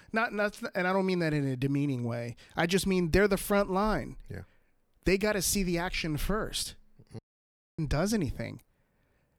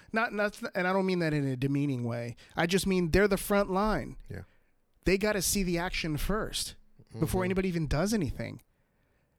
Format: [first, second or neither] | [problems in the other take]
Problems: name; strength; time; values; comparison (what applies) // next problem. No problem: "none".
second | audio cutting out; at 7 s for 0.5 s